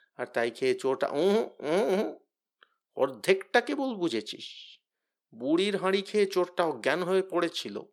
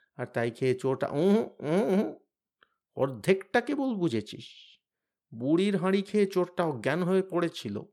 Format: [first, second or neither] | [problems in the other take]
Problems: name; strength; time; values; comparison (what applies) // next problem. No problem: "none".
second | thin; somewhat; fading below 350 Hz